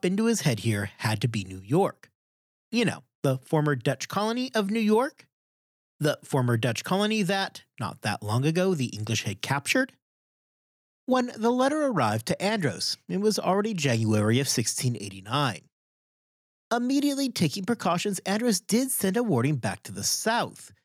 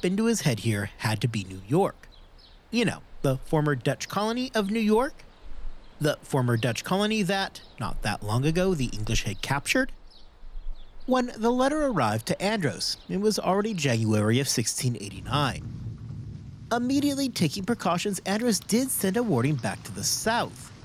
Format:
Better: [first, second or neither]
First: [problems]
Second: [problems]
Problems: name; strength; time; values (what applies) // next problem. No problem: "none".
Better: first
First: none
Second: rain or running water; faint; throughout; 20 dB below the speech